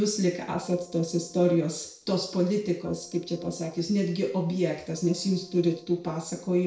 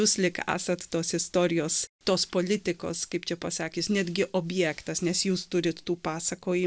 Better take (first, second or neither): second